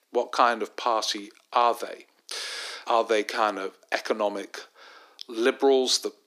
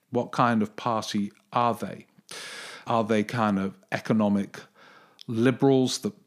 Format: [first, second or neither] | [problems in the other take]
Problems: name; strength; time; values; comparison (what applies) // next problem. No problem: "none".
second | thin; somewhat; fading below 300 Hz